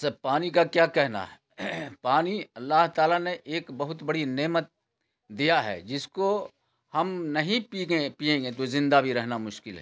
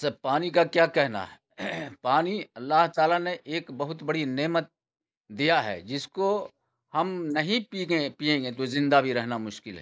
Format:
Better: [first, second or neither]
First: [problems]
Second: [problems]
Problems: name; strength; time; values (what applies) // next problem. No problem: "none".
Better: first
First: none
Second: noise reduction (neural mask model Resemble Enhance denoiser)